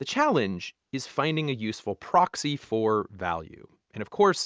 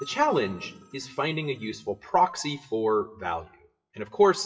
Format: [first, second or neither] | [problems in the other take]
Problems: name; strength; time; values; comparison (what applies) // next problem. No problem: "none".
first | noise reduction (classical method WPE with log-MMSE)